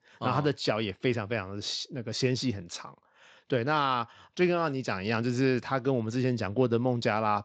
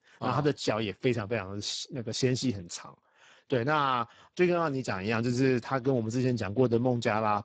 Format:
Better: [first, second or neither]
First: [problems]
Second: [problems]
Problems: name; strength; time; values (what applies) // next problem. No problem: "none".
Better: first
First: garbled, watery; slightly; nothing above 7.5 kHz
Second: garbled, watery; badly; nothing above 7.5 kHz